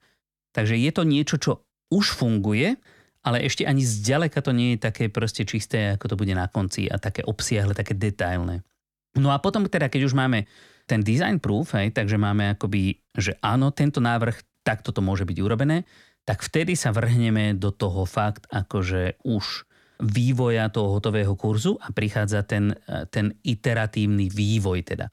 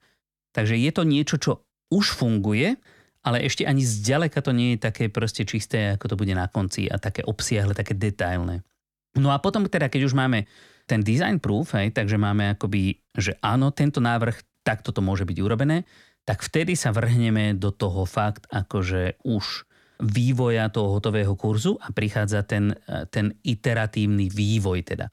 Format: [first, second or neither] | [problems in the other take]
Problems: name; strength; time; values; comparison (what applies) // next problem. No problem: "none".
neither | none